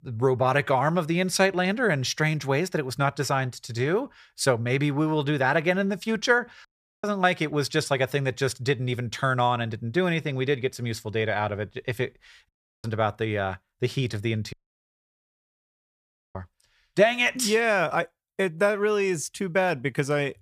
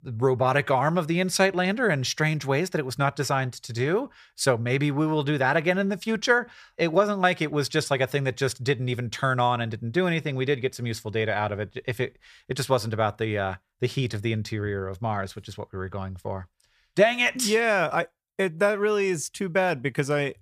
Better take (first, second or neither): second